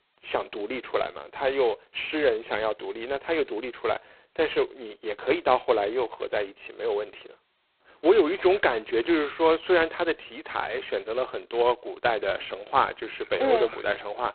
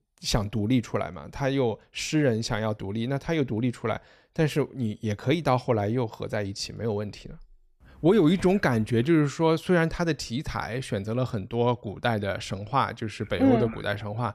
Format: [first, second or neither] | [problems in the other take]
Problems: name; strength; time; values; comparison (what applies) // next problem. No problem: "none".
second | phone-call audio; poor line; nothing above 4 kHz